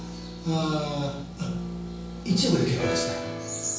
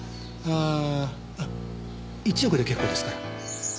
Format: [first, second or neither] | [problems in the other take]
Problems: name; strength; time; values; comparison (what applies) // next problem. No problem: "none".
second | room echo; dies away in 0.7 s